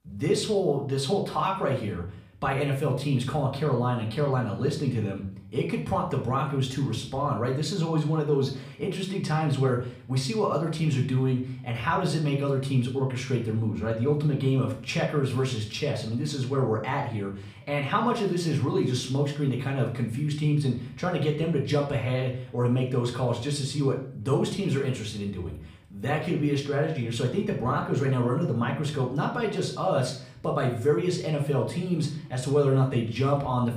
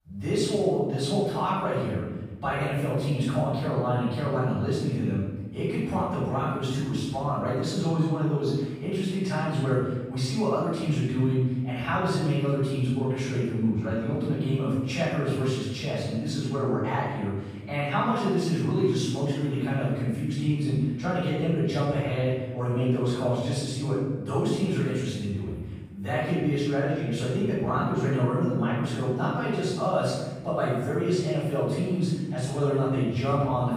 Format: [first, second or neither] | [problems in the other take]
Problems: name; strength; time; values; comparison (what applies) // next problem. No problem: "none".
first | room echo; strong; dies away in 1.2 s; slight in the first // off-mic speech; far; far in the first